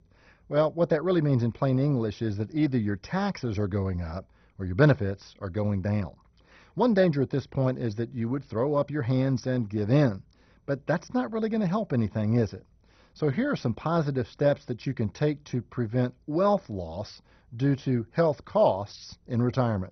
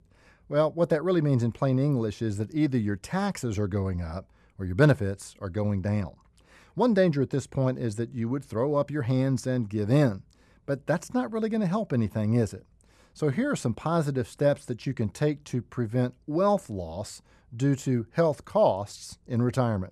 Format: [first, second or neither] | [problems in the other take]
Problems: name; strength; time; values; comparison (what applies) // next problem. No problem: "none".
second | garbled, watery; badly; nothing above 6 kHz